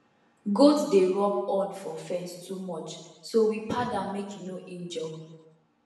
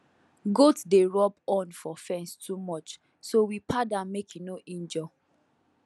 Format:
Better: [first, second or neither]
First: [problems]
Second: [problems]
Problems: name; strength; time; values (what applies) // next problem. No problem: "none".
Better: second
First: room echo; dies away in 1 s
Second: none